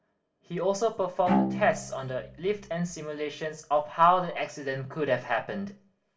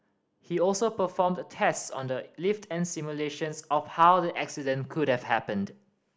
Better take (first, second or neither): second